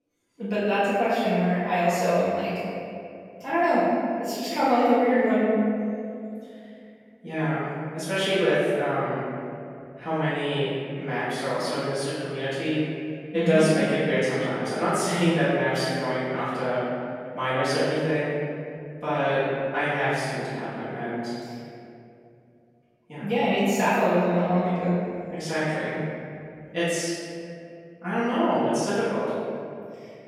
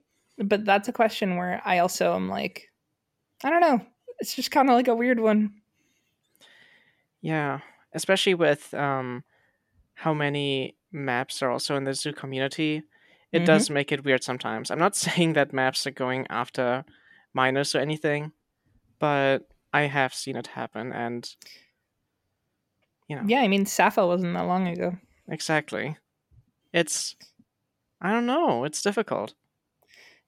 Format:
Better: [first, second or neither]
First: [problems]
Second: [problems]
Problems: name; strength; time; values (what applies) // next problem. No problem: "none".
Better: second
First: room echo; strong; dies away in 2.4 s // off-mic speech; far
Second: none